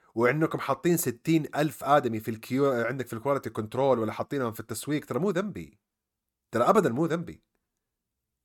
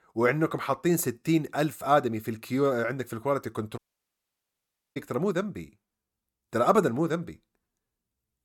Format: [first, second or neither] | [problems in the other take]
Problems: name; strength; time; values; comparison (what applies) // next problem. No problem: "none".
first | audio cutting out; at 4 s for 1 s